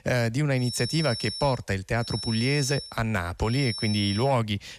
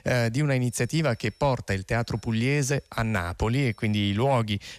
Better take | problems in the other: second | high-pitched whine; loud; at 0.5 s, at 2 s and at 3.5 s; 5.5 kHz, 7 dB below the speech; faint in the second

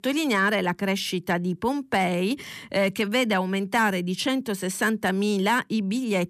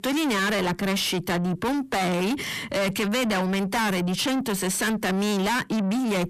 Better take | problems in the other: first | distortion; heavy; 7 dB below the speech

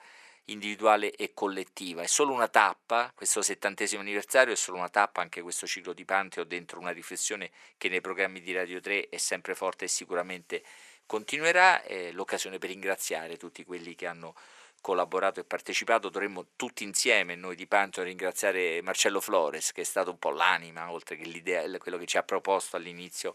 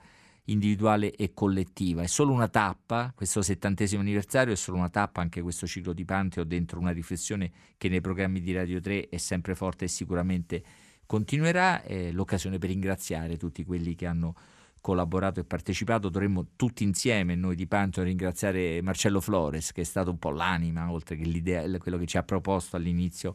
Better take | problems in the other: second | thin; very; fading below 450 Hz

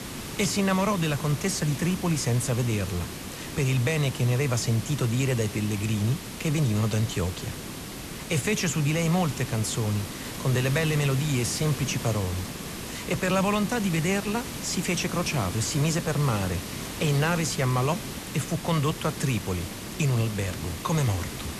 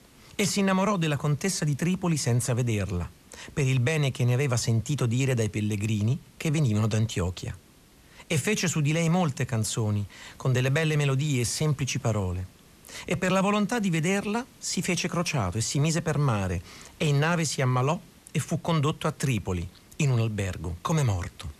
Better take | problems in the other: second | hiss; loud; throughout; 8 dB below the speech; faint in the second

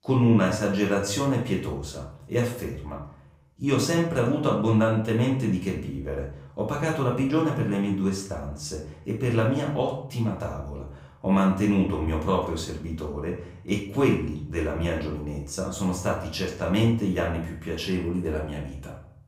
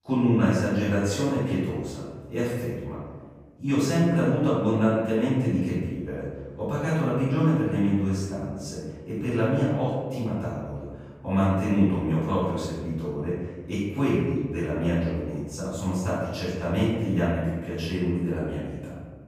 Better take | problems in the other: first | room echo; strong; dies away in 1.4 s; slight in the first // off-mic speech; far; far in the first

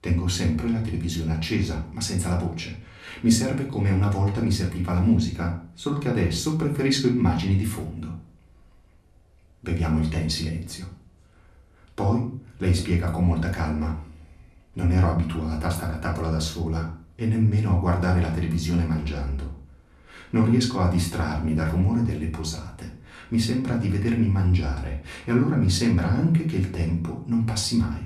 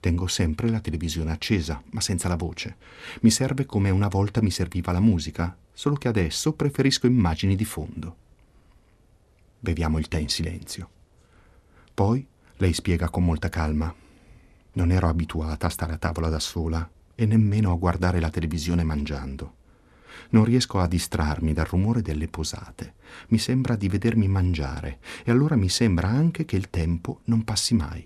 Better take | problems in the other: second | room echo; slight; dies away in 0.4 s // off-mic speech; far

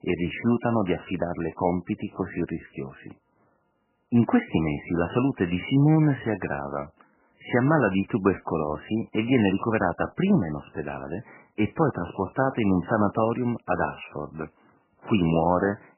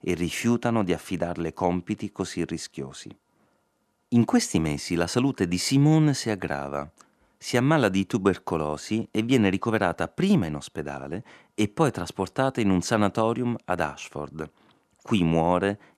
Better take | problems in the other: second | garbled, watery; badly; nothing above 3 kHz

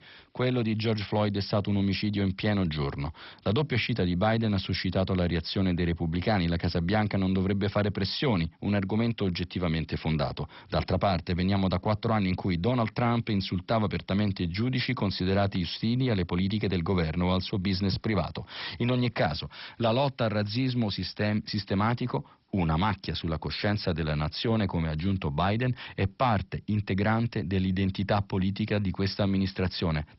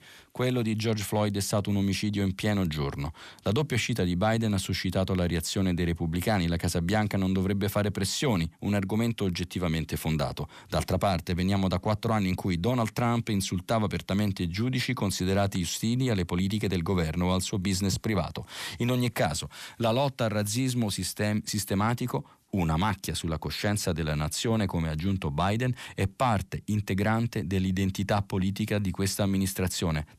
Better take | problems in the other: second | garbled, watery; badly; nothing above 5.5 kHz

